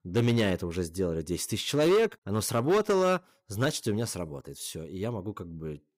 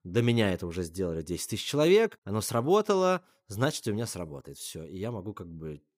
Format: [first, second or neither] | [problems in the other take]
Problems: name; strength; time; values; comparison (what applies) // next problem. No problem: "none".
second | distortion; slight; 5% of the sound clipped